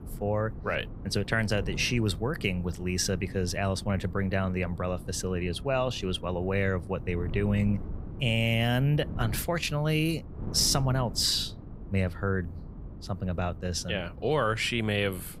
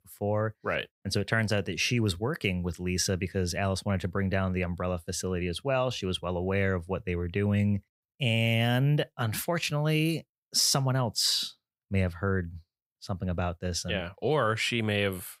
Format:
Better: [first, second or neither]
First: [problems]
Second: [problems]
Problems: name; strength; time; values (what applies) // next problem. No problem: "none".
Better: second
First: wind noise on the microphone; occasional gusts; 20 dB below the speech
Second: none